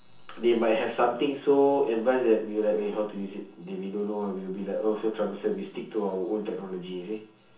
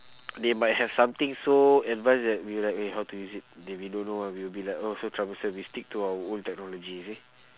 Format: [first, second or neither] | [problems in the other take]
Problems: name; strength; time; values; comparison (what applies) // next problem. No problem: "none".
second | room echo; dies away in 0.7 s